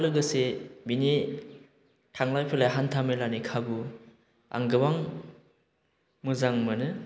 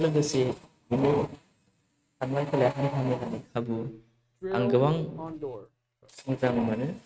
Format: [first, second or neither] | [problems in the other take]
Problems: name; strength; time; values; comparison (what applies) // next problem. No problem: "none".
first | noise reduction (neural mask model RNNoise)